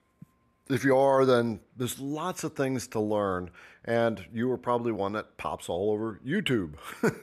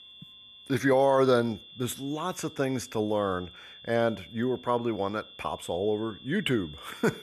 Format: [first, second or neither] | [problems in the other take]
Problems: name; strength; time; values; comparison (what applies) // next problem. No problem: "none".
first | high-pitched whine; noticeable; throughout; 3.5 kHz, 20 dB below the speech